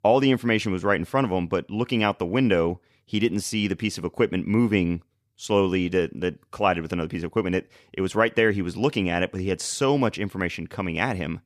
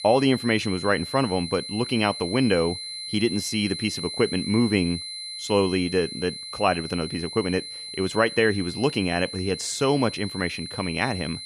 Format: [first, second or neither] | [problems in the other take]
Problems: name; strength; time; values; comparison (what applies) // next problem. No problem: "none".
first | high-pitched whine; loud; throughout; 4 kHz, 8 dB below the speech